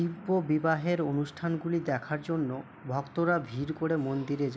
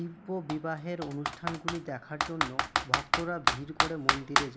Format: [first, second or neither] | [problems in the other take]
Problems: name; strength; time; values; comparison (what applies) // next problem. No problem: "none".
first | background sound (Computer keyboard); 5 dB above the speech